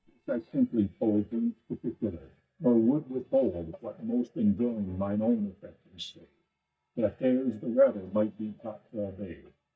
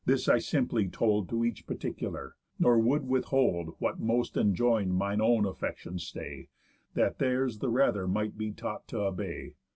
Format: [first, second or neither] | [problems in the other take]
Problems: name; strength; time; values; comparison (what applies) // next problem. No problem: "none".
second | noise reduction (neural mask model DeepFilterNet 3)